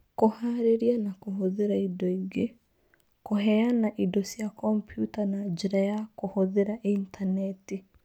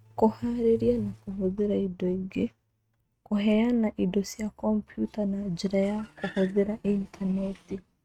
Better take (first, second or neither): first